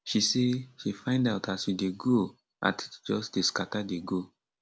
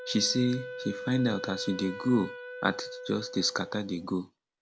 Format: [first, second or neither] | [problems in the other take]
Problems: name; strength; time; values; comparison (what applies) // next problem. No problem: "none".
first | background sound (Wind instrument, woodwind instrument); 11 dB below the speech